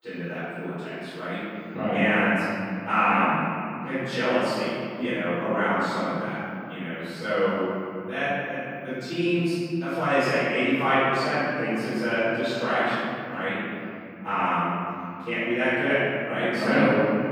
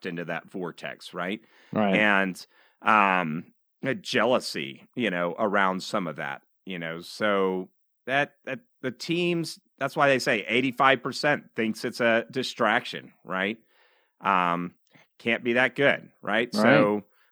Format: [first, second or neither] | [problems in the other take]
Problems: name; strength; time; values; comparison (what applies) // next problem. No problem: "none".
second | room echo; strong; dies away in 3 s // off-mic speech; far